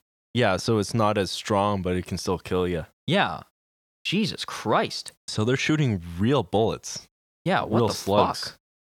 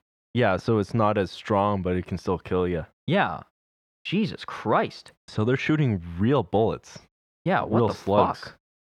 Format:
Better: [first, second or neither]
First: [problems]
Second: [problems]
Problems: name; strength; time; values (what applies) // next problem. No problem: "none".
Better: first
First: none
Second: muffled; slightly; fading above 4 kHz